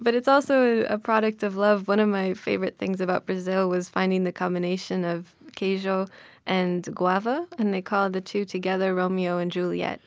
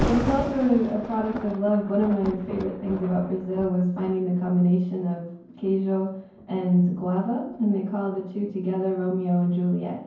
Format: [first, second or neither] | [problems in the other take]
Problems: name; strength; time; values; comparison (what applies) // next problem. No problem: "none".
first | background sound (Thunder); 11 dB below the speech // room echo; dies away in 0.9 s